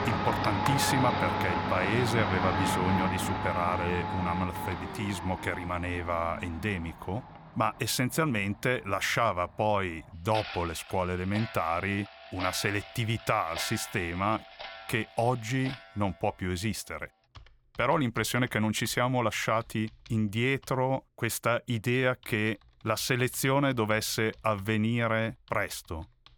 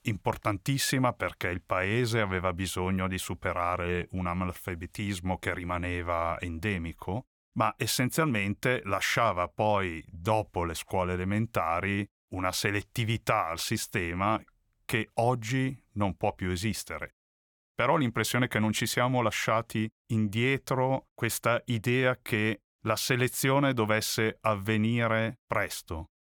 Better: second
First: household noises; loud; throughout; 4 dB below the speech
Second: none

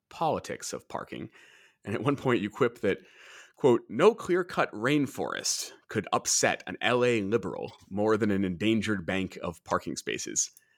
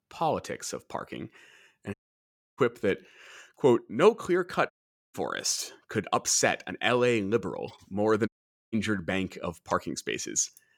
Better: first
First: none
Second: audio cutting out; at 2 s for 0.5 s, at 4.5 s and at 8.5 s

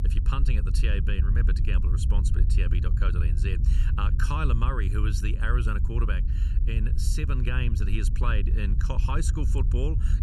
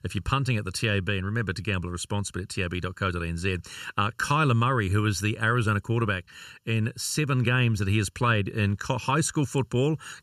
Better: second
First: low rumble; loud; throughout; 9 dB below the speech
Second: none

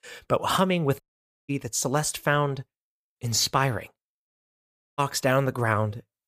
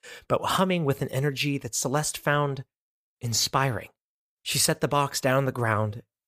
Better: second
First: audio cutting out; at 1 s and at 4.5 s for 0.5 s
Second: none

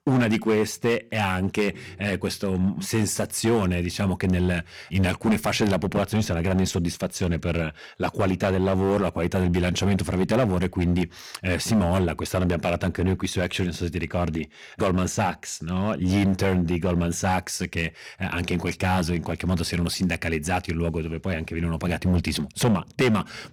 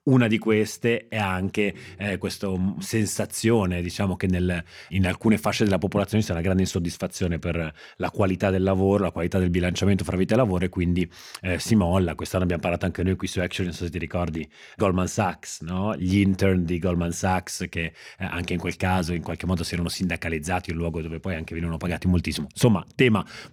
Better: second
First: distortion; slight; 6% of the sound clipped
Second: none

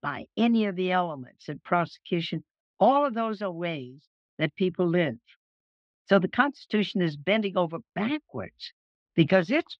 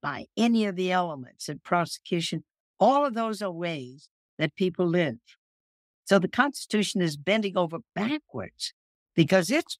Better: second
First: muffled; slightly; fading above 3.5 kHz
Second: none

